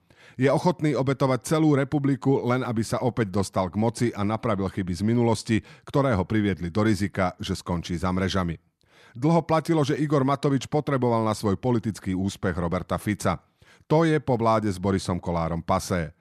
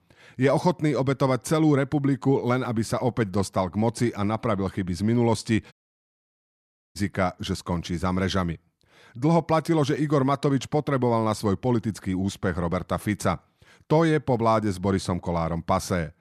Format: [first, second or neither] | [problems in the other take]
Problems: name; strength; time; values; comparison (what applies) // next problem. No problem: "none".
first | audio cutting out; at 5.5 s for 1 s